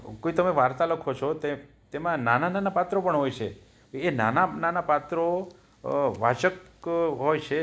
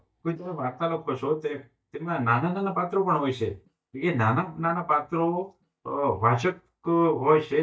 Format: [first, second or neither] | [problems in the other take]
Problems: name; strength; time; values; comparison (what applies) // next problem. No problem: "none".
first | noise reduction (neural mask model DeepFilterNet 3)